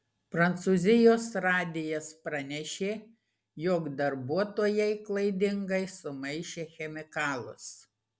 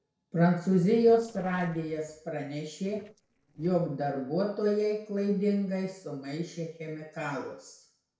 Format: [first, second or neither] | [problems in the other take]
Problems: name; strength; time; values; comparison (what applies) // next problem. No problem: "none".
first | noise reduction (neural separator model SepFormer DNS4)